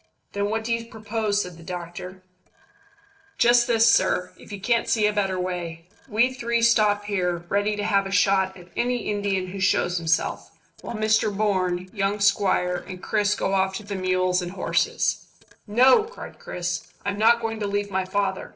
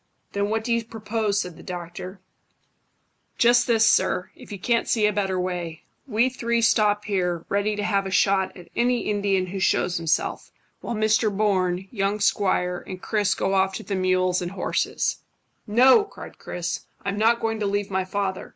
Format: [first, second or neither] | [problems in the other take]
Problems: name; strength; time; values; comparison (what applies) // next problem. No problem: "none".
second | noise reduction (neural separator model SepFormer DNS4)